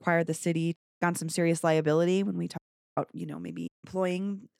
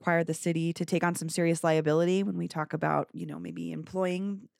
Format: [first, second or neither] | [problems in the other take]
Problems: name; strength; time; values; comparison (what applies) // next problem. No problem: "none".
second | audio cutting out; at 1 s, at 2.5 s and at 3.5 s